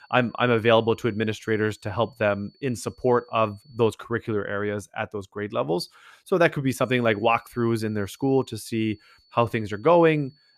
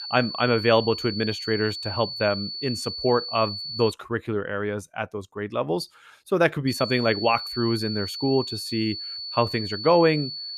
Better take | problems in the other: first | high-pitched whine; loud; until 4 s and from 6.5 s on; 4.5 kHz, 6 dB below the speech; faint in the first

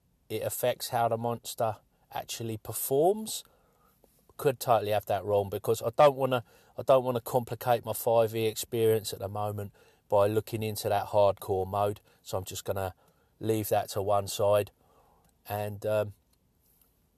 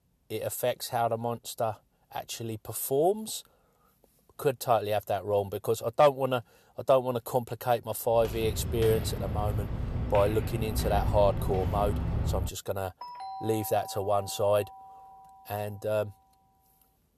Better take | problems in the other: first | footsteps; noticeable; from 8 to 12 s; peak 1 dB below the speech // doorbell; noticeable; from 13 to 16 s; peak 10 dB below the speech

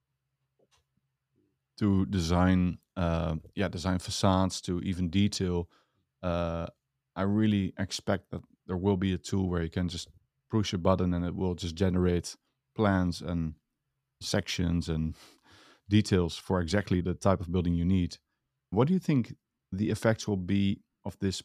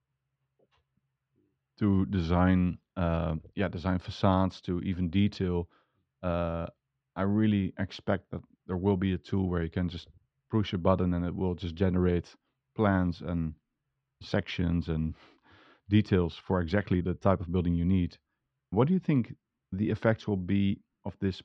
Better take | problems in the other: first | muffled; slightly; fading above 3 kHz

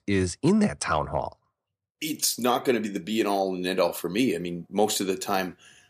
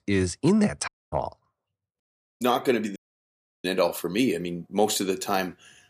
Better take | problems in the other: first | audio cutting out; at 1 s, at 2 s and at 3 s for 0.5 s

